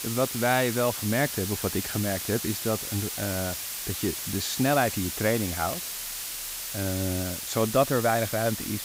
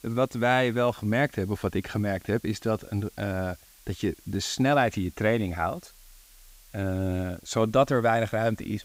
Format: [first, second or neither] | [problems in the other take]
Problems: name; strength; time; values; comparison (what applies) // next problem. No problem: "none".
second | hiss; loud; throughout; 4 dB below the speech; faint in the second